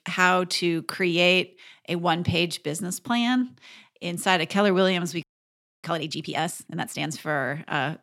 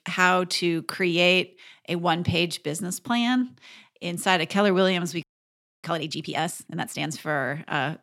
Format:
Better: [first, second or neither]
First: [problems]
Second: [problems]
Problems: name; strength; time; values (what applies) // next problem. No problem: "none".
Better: neither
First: audio freezing; at 5 s for 0.5 s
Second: audio freezing; at 5 s for 0.5 s